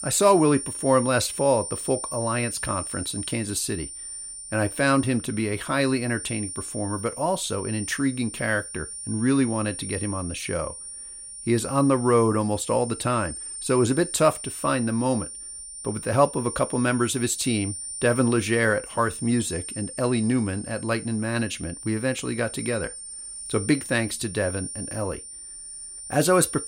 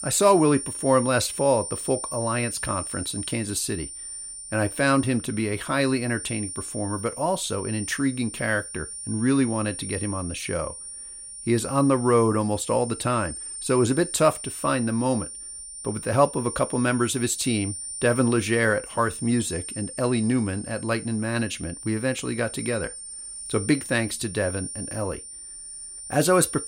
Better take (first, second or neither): neither